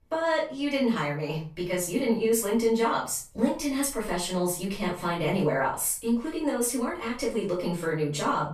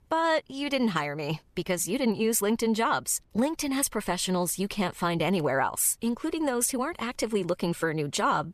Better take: second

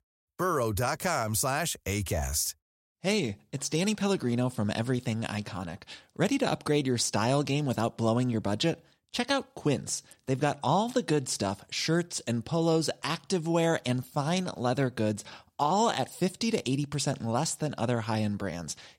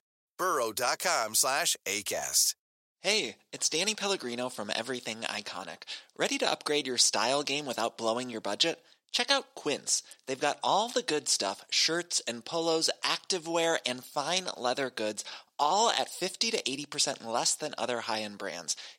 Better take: first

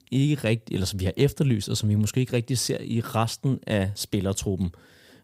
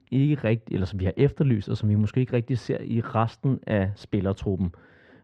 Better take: first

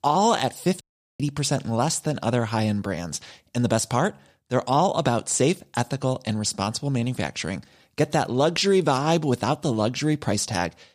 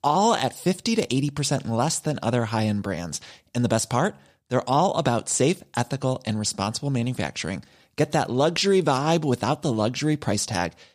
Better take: second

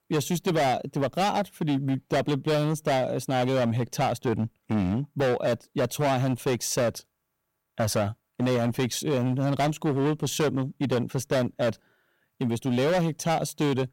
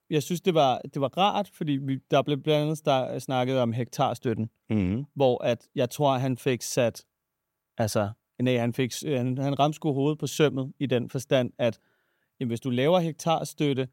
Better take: second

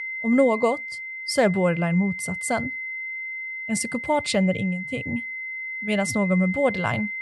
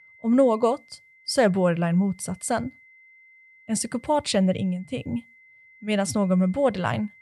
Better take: second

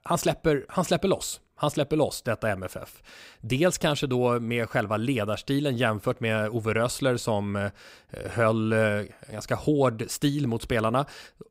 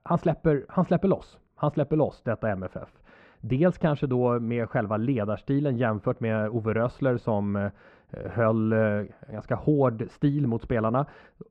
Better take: first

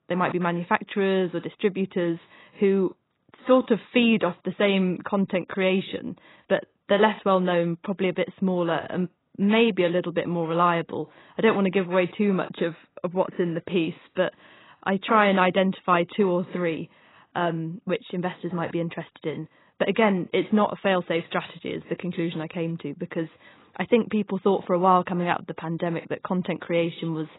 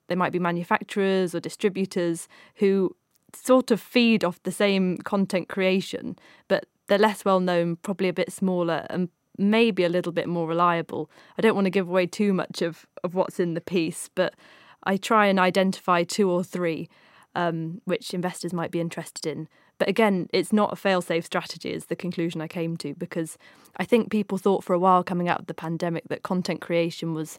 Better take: second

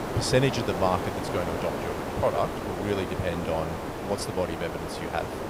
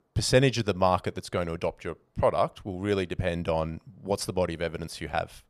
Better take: second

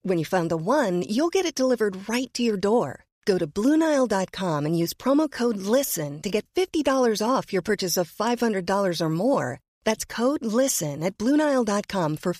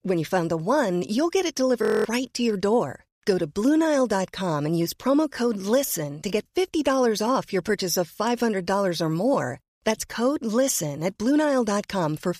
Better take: first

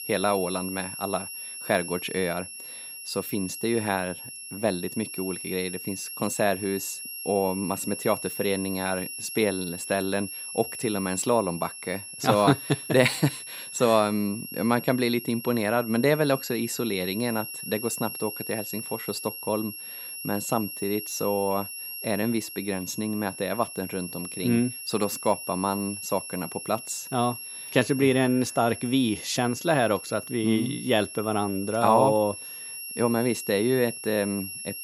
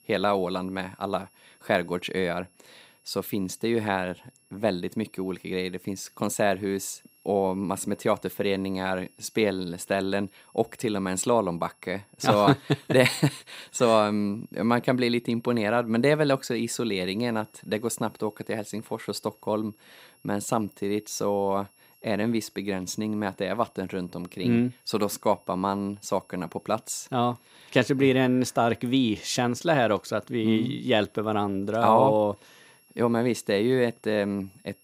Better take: second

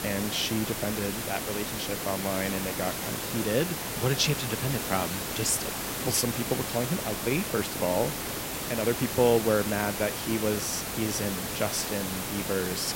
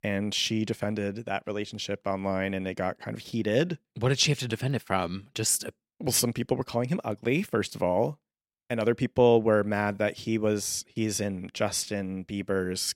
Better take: second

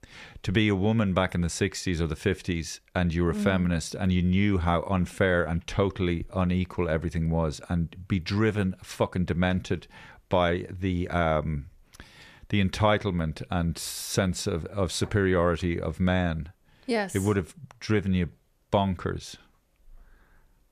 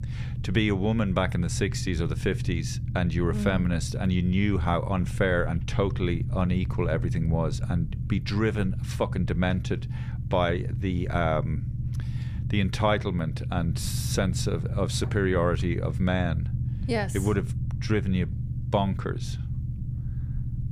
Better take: first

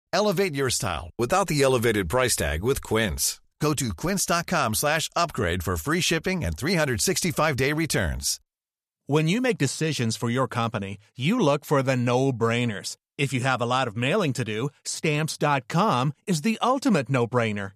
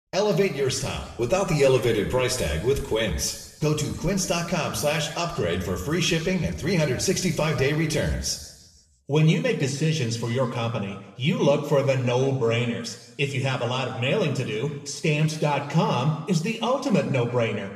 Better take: first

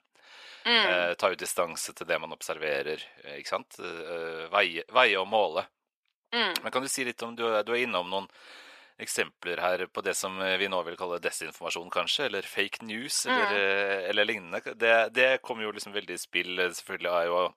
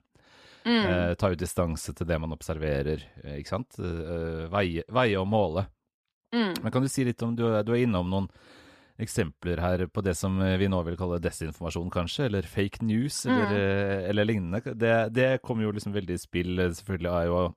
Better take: second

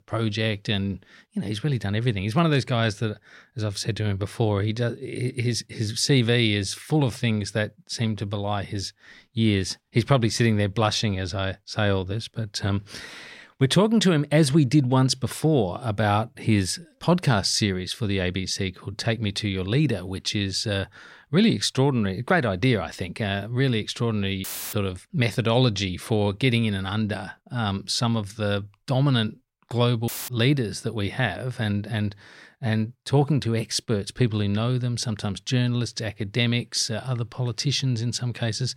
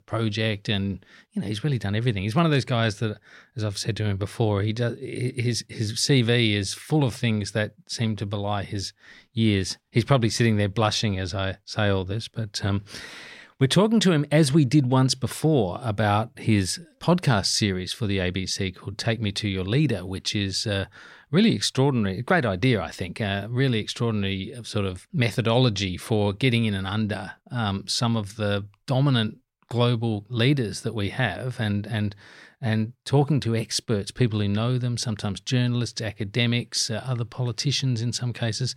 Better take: second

